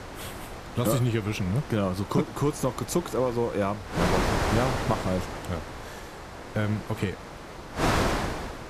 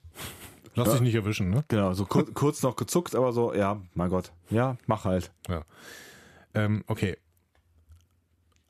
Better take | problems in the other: second | wind noise on the microphone; heavy; 2 dB below the speech

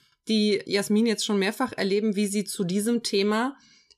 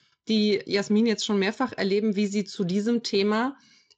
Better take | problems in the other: first | garbled, watery; slightly; nothing above 7.5 kHz

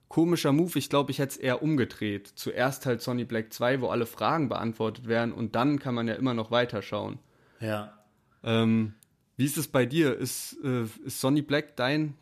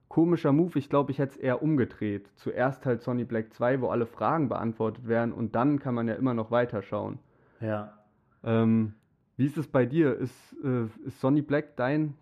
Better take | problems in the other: first | muffled; very; fading above 3 kHz

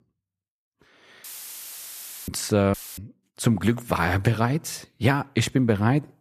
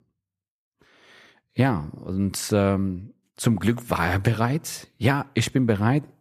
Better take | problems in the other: second | audio cutting out; filled with static; at 1 s for 1 s and at 2.5 s

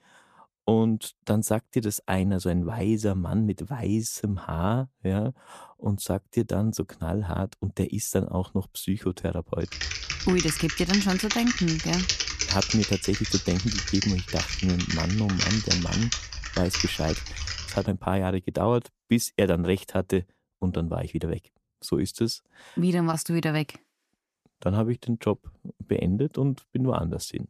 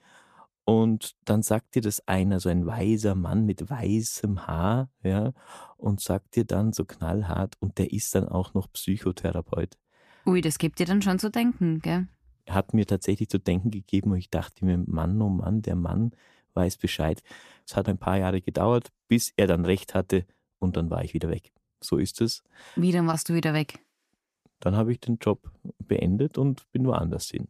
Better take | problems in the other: second | keyboard typing; loud; from 9.5 to 18 s; peak 3 dB above the speech

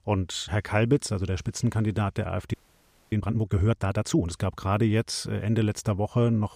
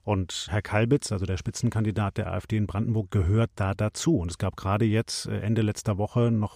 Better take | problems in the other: second | audio freezing; at 2.5 s for 0.5 s

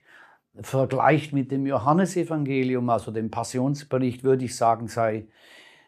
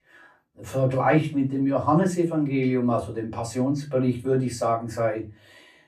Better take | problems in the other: first | off-mic speech; far // room echo; very slight; dies away in 0.2 s

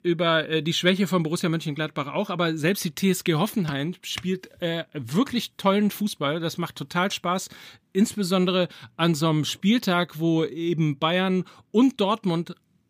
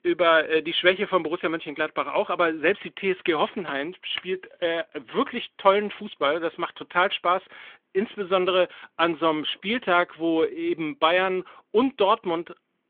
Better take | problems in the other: first | phone-call audio; nothing above 3.5 kHz

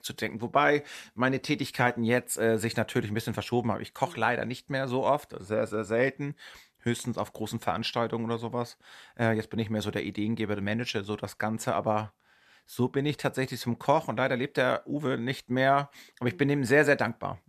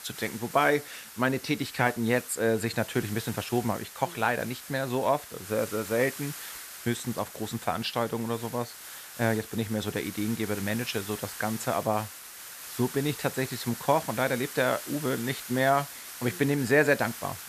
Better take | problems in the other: first | hiss; noticeable; throughout; 10 dB below the speech

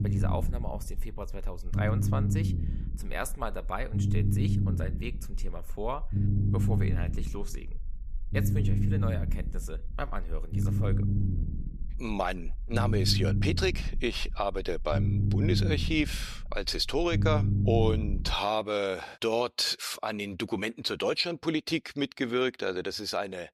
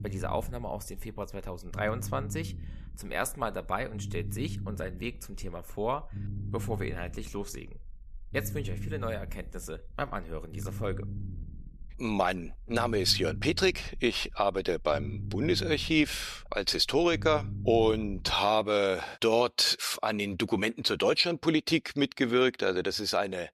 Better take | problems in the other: second | low rumble; loud; until 18 s; 9 dB below the speech; faint in the second

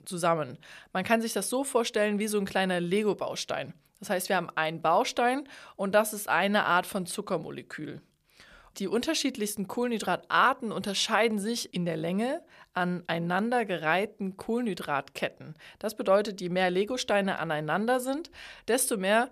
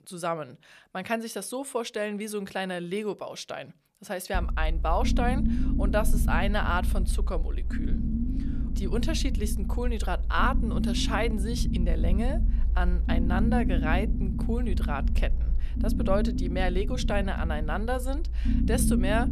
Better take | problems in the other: first | low rumble; loud; from 4.5 s on; 8 dB below the speech

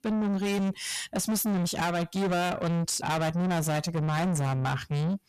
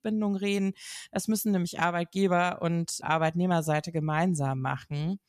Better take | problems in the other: second | distortion; heavy; 6 dB below the speech

